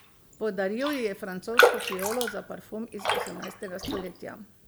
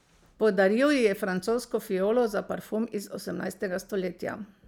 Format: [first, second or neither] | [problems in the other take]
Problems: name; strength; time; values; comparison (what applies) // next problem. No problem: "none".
second | background sound (Raindrop); 4 dB above the speech